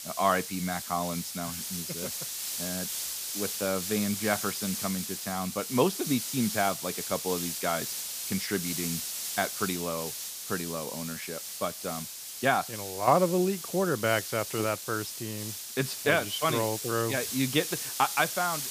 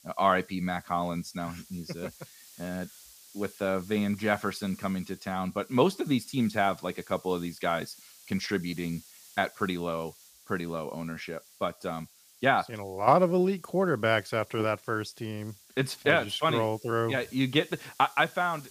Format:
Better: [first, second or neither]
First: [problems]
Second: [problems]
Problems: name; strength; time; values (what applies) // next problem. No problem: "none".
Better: second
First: hiss; loud; throughout; 4 dB below the speech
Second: hiss; faint; throughout; 25 dB below the speech